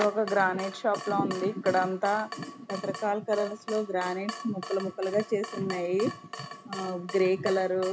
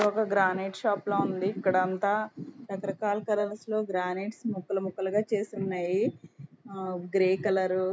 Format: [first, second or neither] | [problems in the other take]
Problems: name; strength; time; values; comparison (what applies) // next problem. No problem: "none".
second | background sound (Drip / Water tap, faucet); 13 dB below the speech